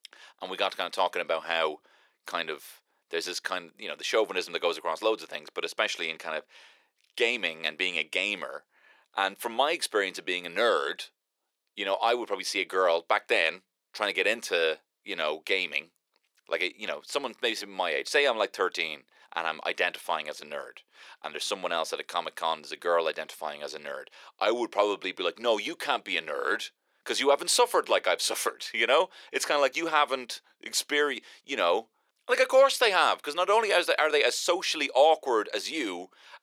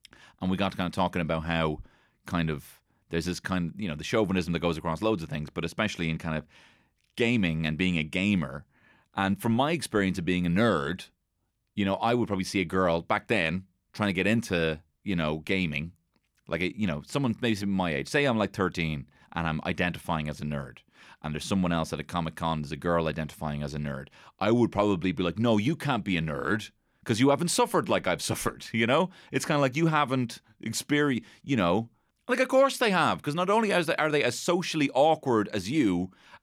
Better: second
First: thin; very; fading below 450 Hz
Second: none

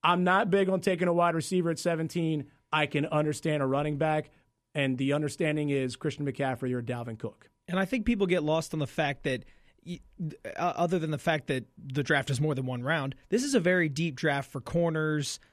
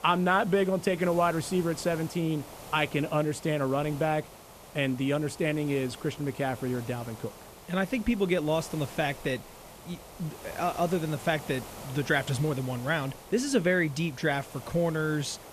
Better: first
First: none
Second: hiss; noticeable; throughout; 15 dB below the speech

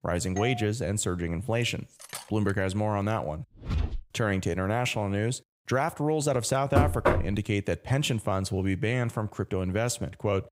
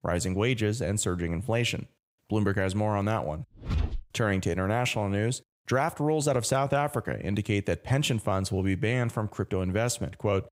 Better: second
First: doorbell; noticeable; at 0.5 s; peak 8 dB below the speech // clattering dishes; faint; at 1.5 s; peak 10 dB below the speech // door banging; loud; at 7 s; peak 4 dB above the speech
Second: none

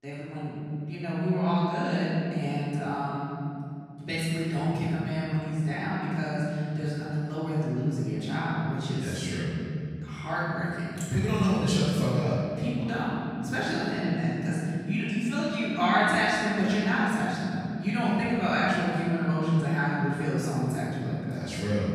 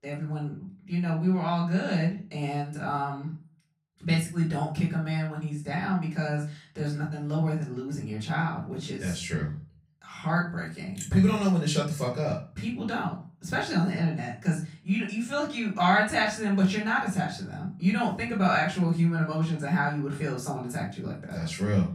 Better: second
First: room echo; strong; dies away in 2.6 s // off-mic speech; far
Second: room echo; slight; dies away in 0.3 s // off-mic speech; far

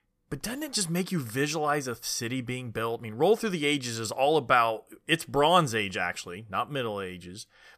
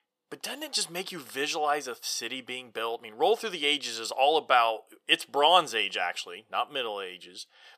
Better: first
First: none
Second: thin; somewhat; fading below 450 Hz

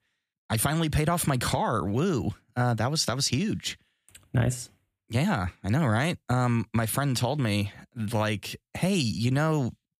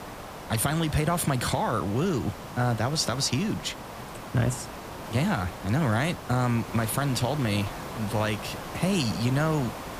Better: first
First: none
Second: hiss; noticeable; throughout; 10 dB below the speech

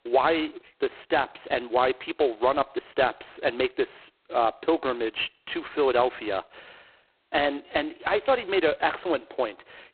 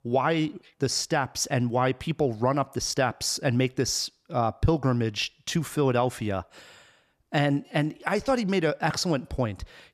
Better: second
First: phone-call audio; poor line; nothing above 4 kHz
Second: none

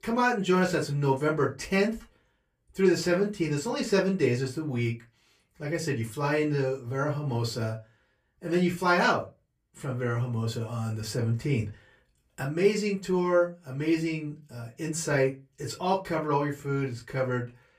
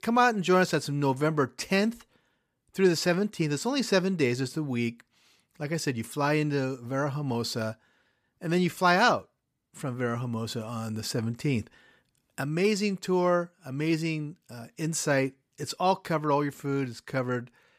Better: second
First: off-mic speech; far // room echo; very slight; dies away in 0.2 s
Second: none

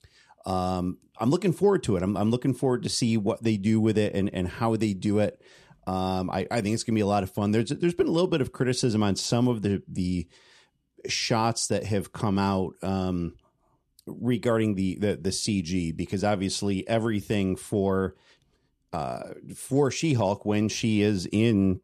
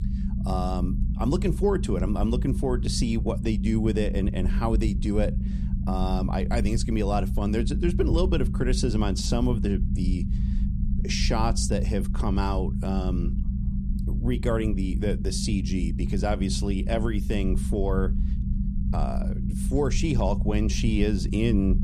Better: first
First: none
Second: low rumble; loud; throughout; 10 dB below the speech

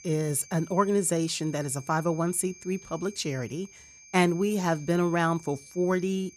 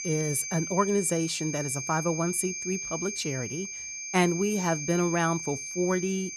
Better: first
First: high-pitched whine; faint; throughout; 6.5 kHz, 20 dB below the speech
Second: high-pitched whine; loud; throughout; 6.5 kHz, 5 dB below the speech

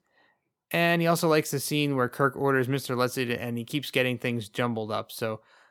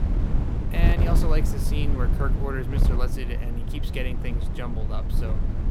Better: first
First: none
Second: wind noise on the microphone; heavy; 3 dB below the speech

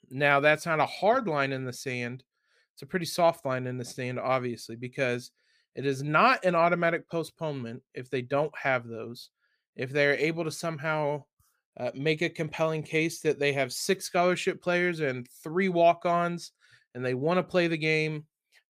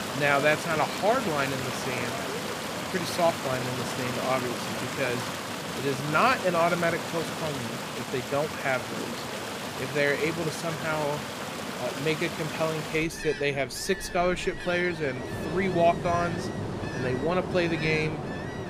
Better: first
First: none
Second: rain or running water; loud; throughout; 5 dB below the speech

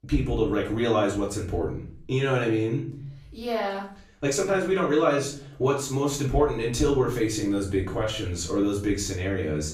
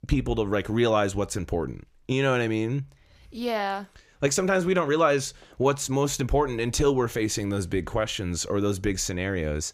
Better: second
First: off-mic speech; far // room echo; slight; dies away in 0.4 s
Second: none

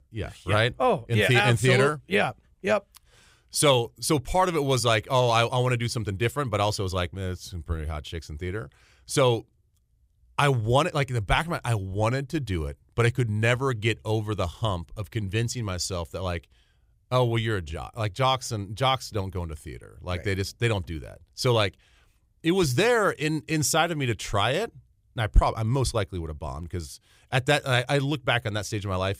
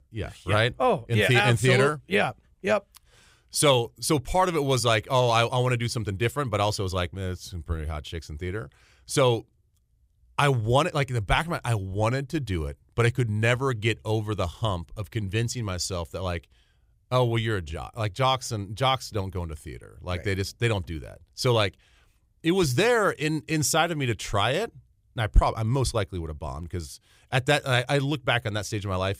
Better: neither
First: none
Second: none

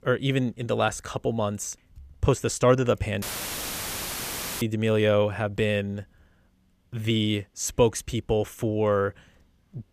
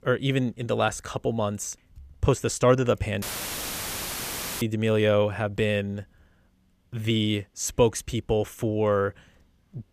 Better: neither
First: audio cutting out; filled with static; at 3 s for 1.5 s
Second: audio cutting out; filled with static; at 3 s for 1.5 s

